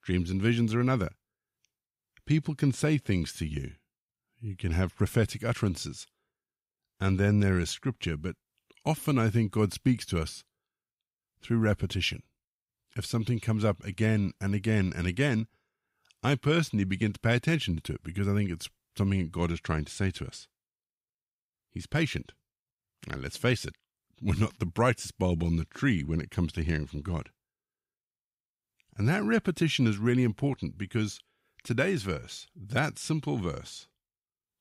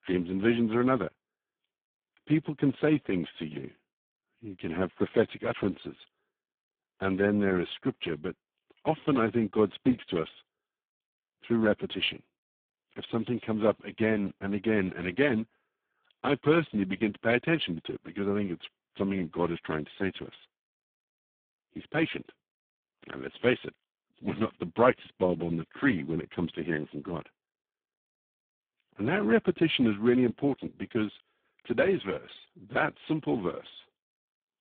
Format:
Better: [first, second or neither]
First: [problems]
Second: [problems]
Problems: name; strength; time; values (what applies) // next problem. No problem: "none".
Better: first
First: none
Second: phone-call audio; poor line